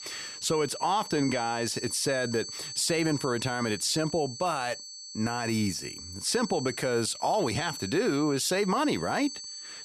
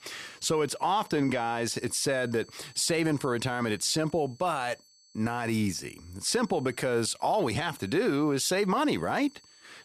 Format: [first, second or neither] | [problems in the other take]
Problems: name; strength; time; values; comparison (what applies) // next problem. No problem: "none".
second | high-pitched whine; loud; throughout; 4.5 kHz, 10 dB below the speech; faint in the second